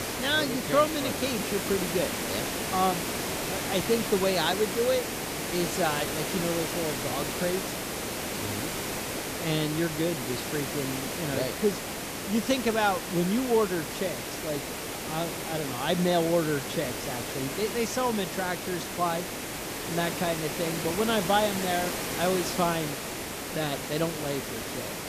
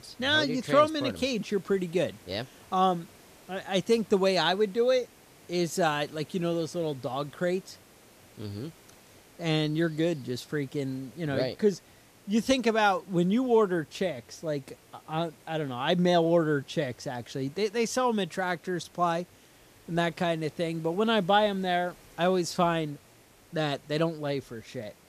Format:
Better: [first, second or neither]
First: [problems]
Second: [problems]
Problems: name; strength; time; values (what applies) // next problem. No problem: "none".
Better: second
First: hiss; loud; throughout; 3 dB below the speech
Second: hiss; faint; throughout; 25 dB below the speech